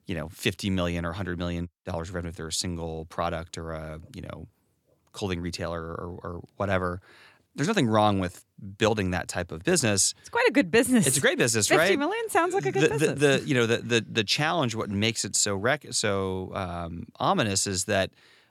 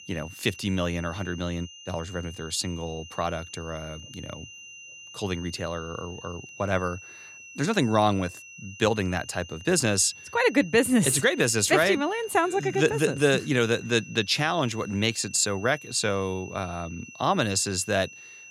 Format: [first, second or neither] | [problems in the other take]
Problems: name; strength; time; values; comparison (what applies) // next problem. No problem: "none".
first | high-pitched whine; noticeable; throughout; 2.5 kHz, 15 dB below the speech